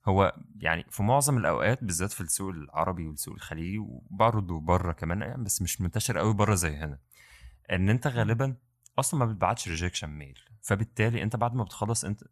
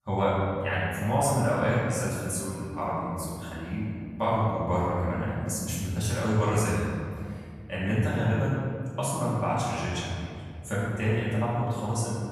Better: first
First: none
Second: off-mic speech; far // room echo; strong; dies away in 2 s

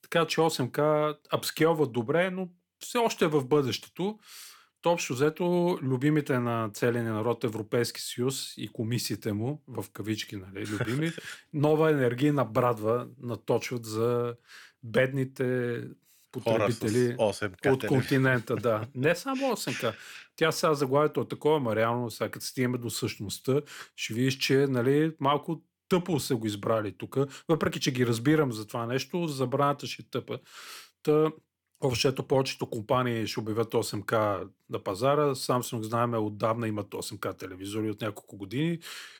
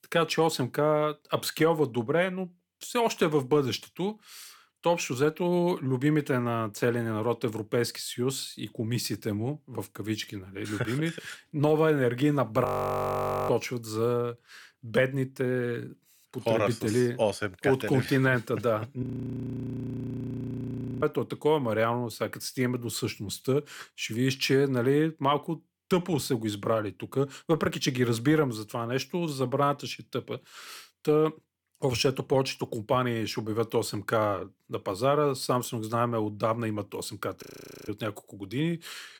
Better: first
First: none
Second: audio freezing; at 13 s for 1 s, at 19 s for 2 s and at 37 s

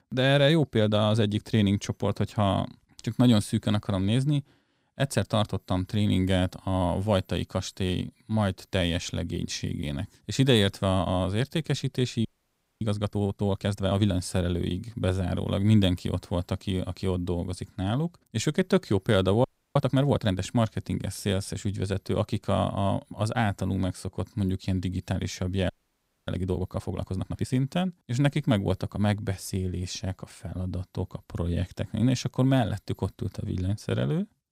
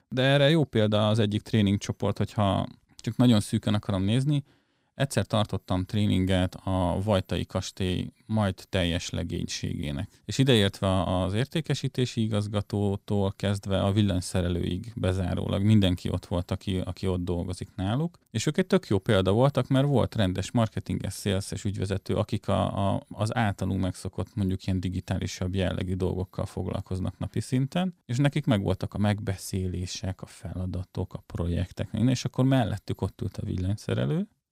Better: second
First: audio freezing; at 12 s for 0.5 s, at 19 s and at 26 s for 0.5 s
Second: none

